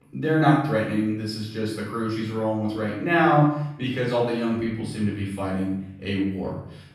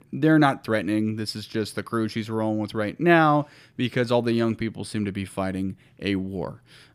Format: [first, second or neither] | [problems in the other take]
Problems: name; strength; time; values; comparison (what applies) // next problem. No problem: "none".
second | room echo; noticeable; dies away in 0.7 s // off-mic speech; far